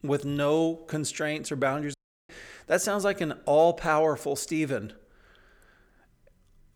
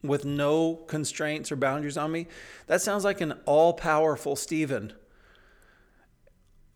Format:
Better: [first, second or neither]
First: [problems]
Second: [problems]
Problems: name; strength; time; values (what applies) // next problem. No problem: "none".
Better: second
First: audio cutting out; at 2 s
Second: none